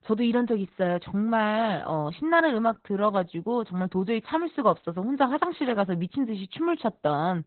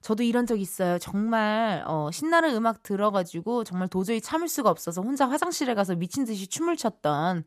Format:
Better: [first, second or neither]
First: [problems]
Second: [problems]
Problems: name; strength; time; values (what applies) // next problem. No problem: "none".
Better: second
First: garbled, watery; badly; nothing above 4 kHz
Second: none